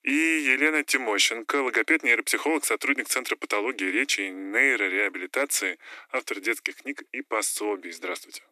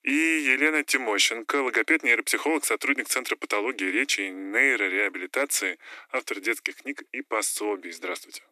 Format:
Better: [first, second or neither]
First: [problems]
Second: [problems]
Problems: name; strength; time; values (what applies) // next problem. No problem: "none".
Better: neither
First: thin; somewhat; fading below 300 Hz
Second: thin; somewhat; fading below 300 Hz